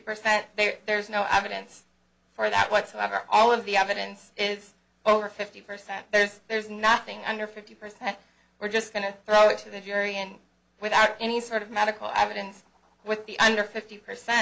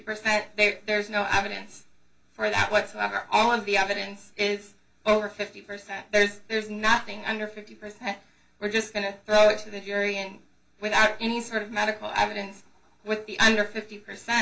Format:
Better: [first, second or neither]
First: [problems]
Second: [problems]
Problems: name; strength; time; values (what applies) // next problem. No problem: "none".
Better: first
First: none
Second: room echo; dies away in 0.2 s